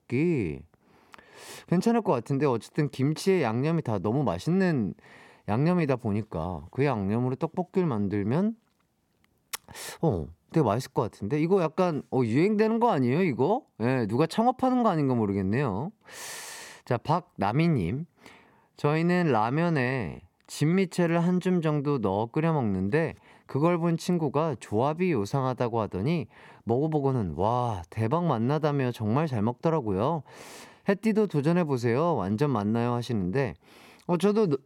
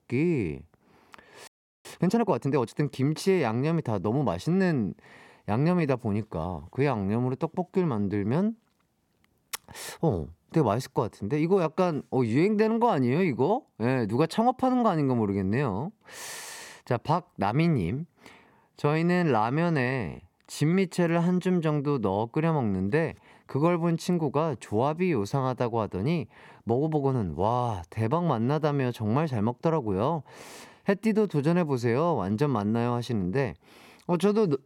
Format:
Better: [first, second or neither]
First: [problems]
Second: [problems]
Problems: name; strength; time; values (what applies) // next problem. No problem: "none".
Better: first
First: none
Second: audio freezing; at 1.5 s